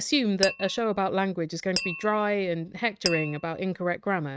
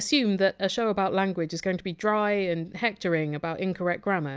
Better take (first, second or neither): second